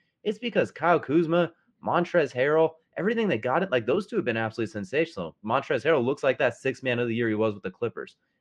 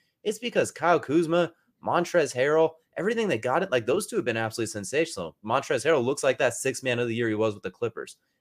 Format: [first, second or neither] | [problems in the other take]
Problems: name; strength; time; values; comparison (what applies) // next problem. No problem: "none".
second | muffled; slightly; fading above 3 kHz